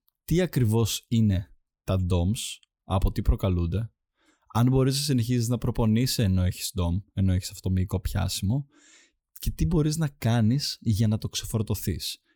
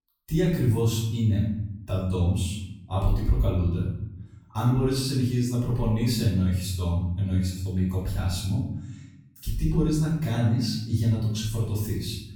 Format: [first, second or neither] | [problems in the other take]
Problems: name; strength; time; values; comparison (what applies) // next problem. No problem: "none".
first | off-mic speech; far // room echo; noticeable; dies away in 0.7 s